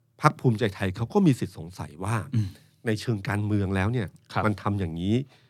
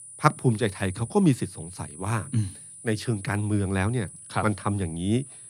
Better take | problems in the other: first | high-pitched whine; noticeable; throughout; 9.5 kHz, 15 dB below the speech

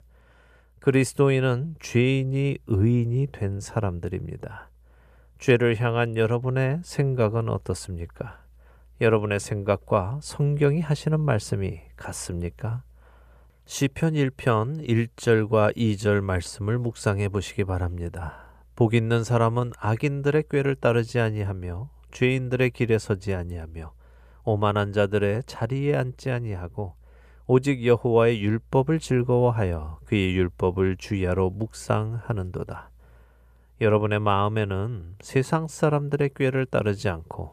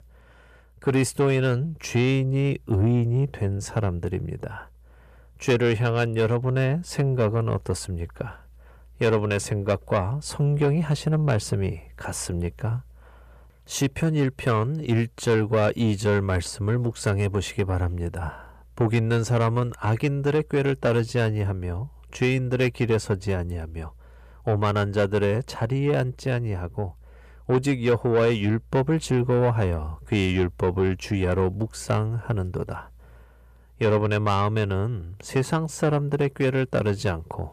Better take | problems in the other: first | distortion; slight; 10 dB below the speech

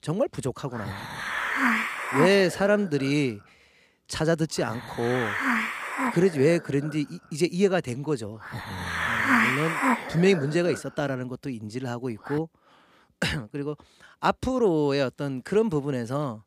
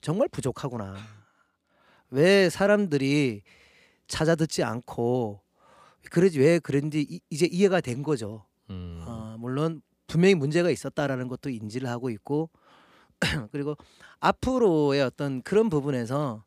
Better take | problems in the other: second | hiss; loud; until 12 s; 1 dB below the speech

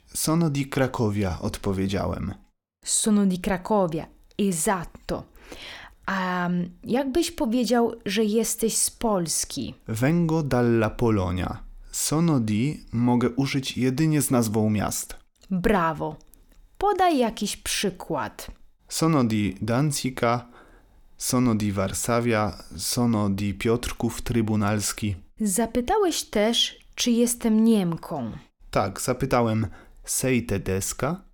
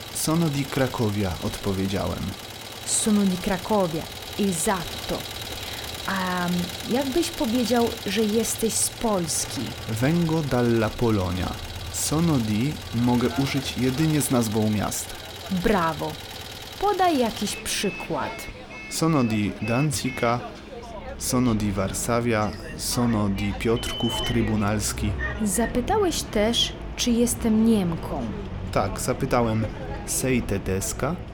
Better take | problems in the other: first | traffic noise; loud; throughout; 9 dB below the speech

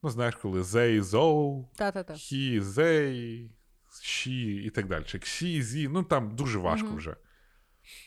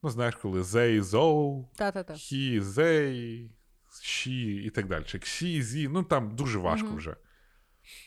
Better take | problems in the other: neither | none

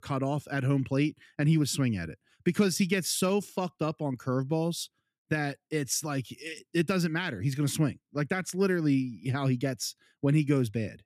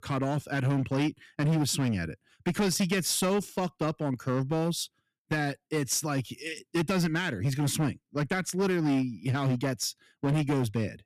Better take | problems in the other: first | distortion; slight; 12% of the sound clipped

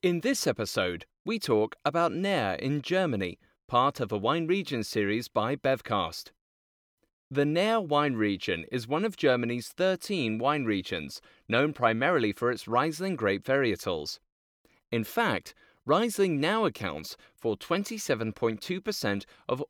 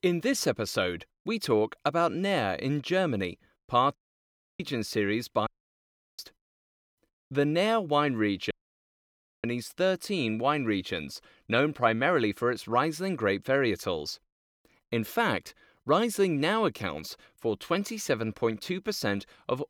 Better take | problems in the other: first | audio cutting out; at 4 s for 0.5 s, at 5.5 s for 0.5 s and at 8.5 s for 1 s

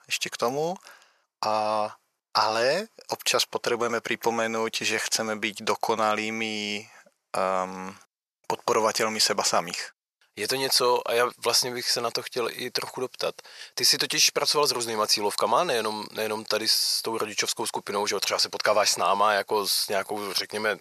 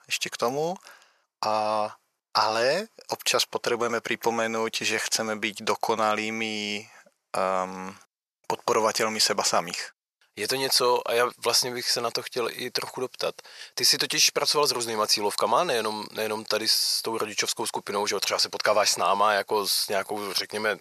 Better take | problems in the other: neither | thin; very; fading below 550 Hz; the same in both

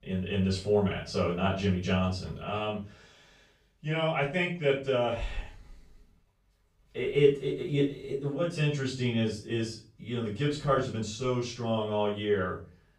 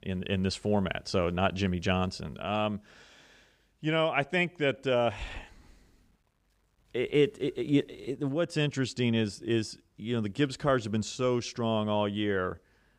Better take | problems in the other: second | off-mic speech; far // room echo; slight; dies away in 0.3 s

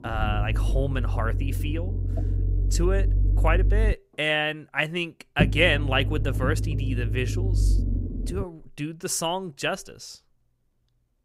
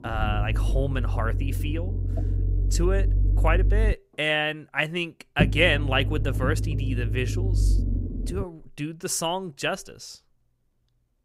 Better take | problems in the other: neither | low rumble; noticeable; until 4 s and from 5.5 to 8.5 s; 15 dB below the speech; the same in both

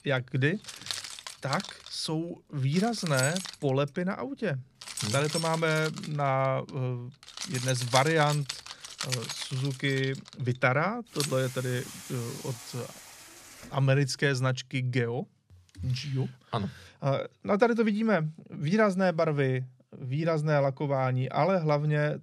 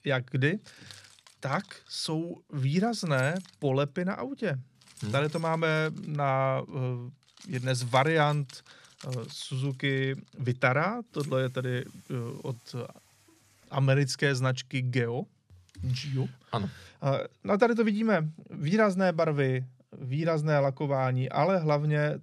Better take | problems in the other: second | household noises; loud; until 14 s; 8 dB below the speech; faint in the second

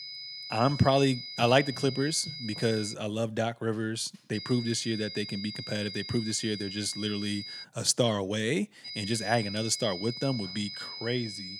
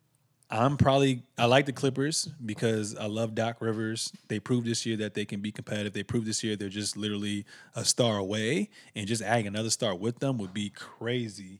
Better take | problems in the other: second | high-pitched whine; loud; until 3 s, from 4.5 to 7.5 s and from 9 s on; 5 kHz, 8 dB below the speech

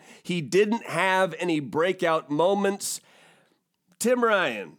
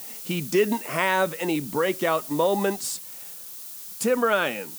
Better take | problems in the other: first | hiss; noticeable; throughout; 10 dB below the speech

